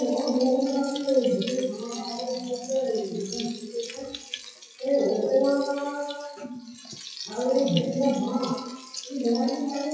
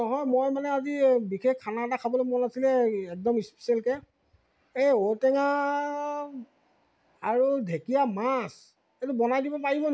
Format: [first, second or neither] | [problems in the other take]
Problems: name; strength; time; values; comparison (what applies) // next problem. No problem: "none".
second | noise reduction (classical method WPE with log-MMSE)